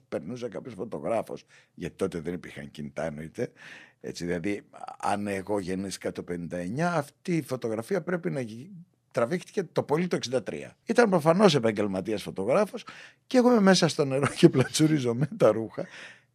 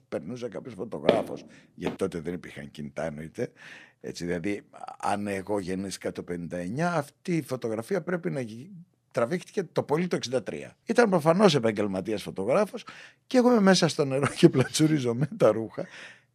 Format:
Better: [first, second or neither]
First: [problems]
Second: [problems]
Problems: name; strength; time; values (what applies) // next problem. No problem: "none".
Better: first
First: none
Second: footsteps; noticeable; at 1 s; peak level with the speech